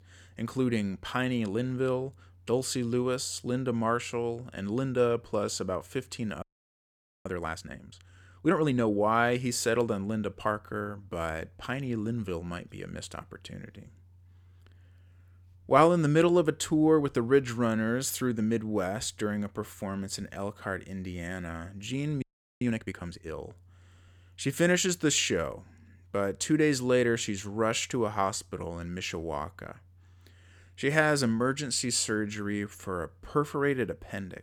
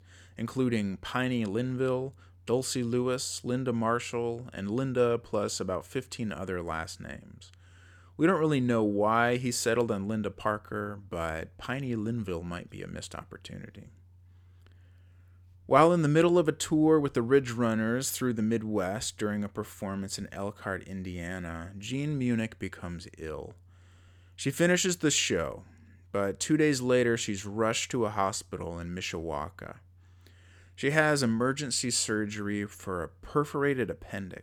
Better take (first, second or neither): second